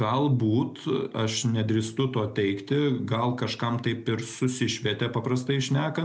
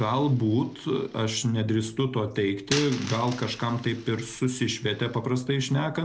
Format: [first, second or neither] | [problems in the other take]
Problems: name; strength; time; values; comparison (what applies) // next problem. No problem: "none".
first | background sound (Coin (dropping)); 16 dB below the speech